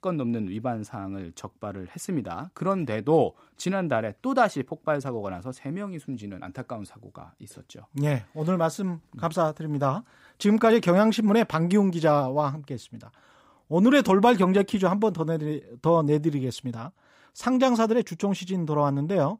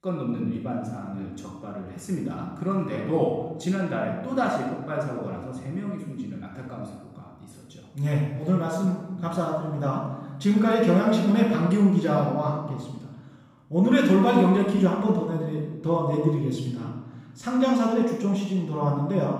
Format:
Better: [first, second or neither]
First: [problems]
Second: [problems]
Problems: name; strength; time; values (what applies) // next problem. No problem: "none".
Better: first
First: none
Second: off-mic speech; far // room echo; noticeable; dies away in 1.1 s